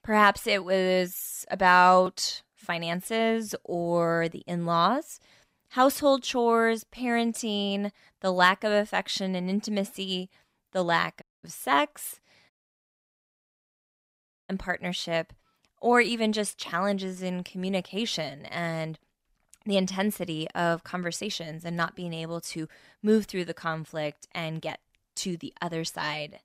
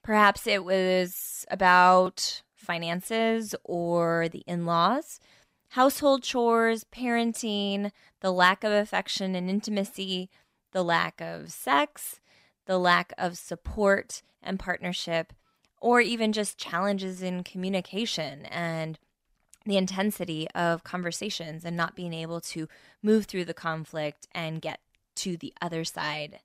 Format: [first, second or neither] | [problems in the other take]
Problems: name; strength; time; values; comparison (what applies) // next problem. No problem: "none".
second | audio cutting out; at 11 s and at 13 s for 2 s